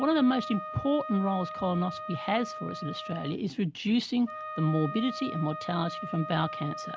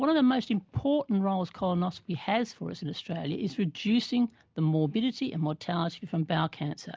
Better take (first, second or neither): second